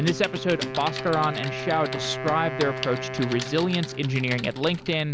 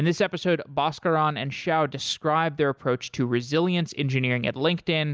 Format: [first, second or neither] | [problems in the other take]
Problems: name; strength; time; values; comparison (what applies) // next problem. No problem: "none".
second | background sound (Typing + Wind instrument, woodwind instrument); 6 dB below the speech